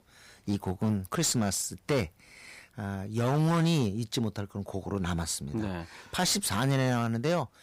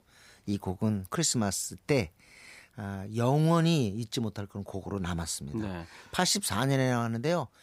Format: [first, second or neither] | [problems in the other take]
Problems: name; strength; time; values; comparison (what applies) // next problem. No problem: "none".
second | distortion; slight; 10% of the sound clipped